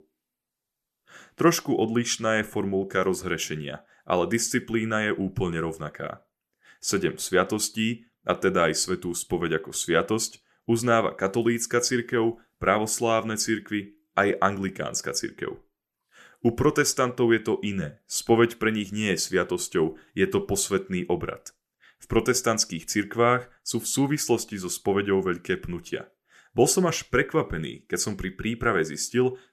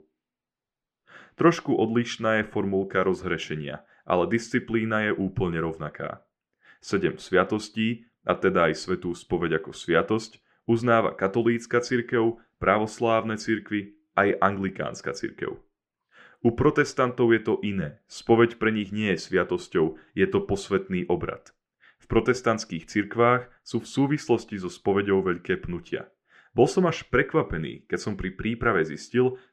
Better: first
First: none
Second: muffled; slightly; fading above 3 kHz

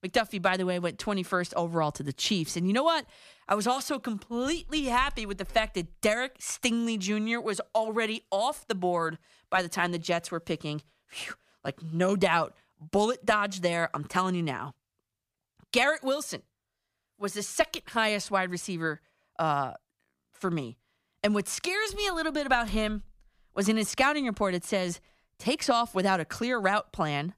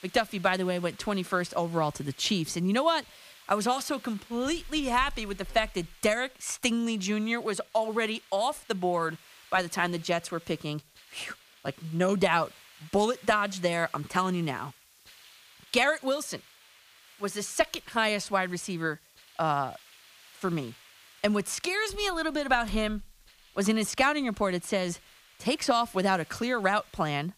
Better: first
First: none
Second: hiss; faint; throughout; 25 dB below the speech

